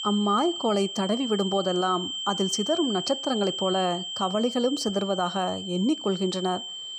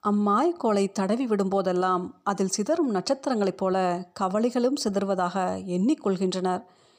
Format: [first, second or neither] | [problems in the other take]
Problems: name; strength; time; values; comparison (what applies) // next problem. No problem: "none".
second | high-pitched whine; loud; throughout; 3 kHz, 5 dB below the speech